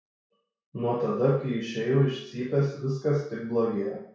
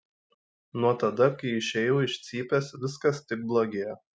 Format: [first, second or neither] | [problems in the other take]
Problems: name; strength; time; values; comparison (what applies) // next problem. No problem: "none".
second | room echo; dies away in 0.6 s